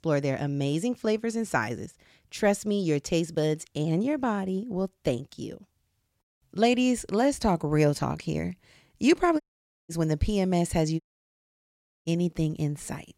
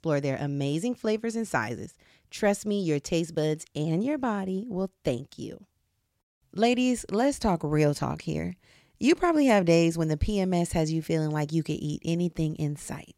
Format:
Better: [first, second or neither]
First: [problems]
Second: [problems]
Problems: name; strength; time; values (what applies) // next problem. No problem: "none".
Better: second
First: audio cutting out; at 9.5 s and at 11 s for 1 s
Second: none